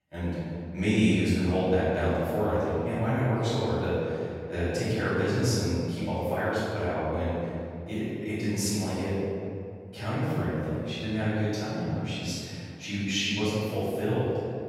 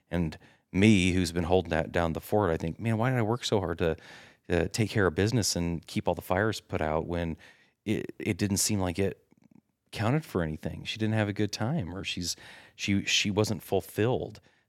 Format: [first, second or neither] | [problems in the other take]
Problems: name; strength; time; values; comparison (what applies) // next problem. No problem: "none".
second | off-mic speech; far // room echo; strong; dies away in 2.1 s